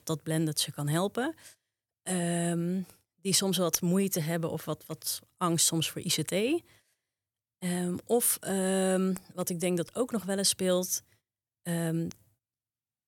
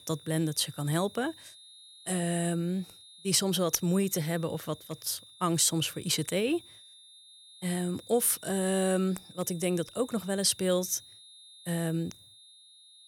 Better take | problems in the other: first | high-pitched whine; faint; throughout; 3.5 kHz, 20 dB below the speech

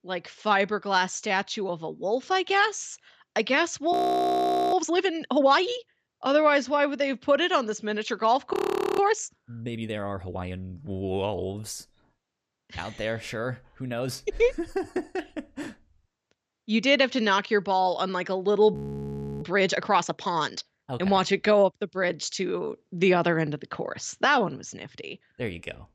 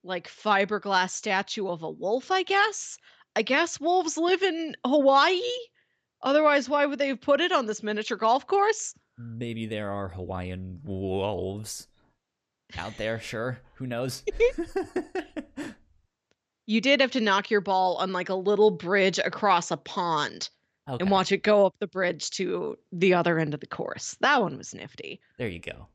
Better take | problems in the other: second | audio freezing; at 4 s for 1 s, at 8.5 s and at 19 s for 0.5 s

